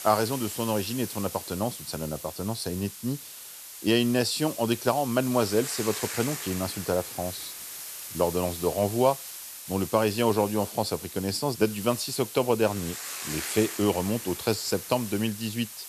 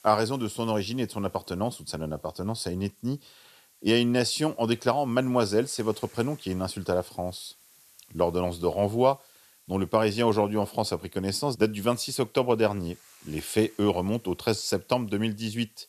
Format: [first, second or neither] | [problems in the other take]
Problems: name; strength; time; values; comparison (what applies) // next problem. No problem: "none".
second | hiss; loud; throughout; 9 dB below the speech; faint in the second